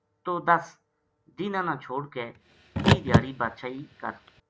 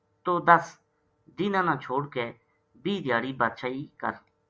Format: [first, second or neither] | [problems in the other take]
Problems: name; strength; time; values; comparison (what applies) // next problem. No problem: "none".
second | background sound (Car); 4 dB above the speech